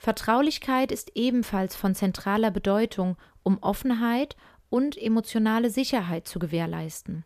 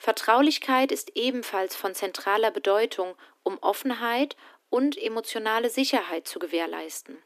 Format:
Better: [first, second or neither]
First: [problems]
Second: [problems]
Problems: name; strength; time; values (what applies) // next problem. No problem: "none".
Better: first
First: none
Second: thin; somewhat; fading below 250 Hz